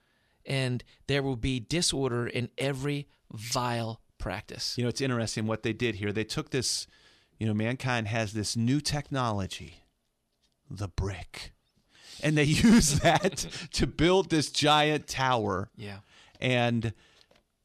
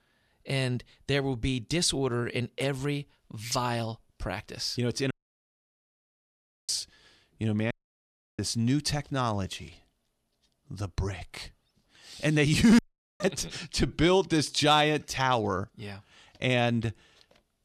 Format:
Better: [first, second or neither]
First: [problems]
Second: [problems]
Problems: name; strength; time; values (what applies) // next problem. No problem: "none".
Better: first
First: none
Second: audio cutting out; at 5 s for 1.5 s, at 7.5 s for 0.5 s and at 13 s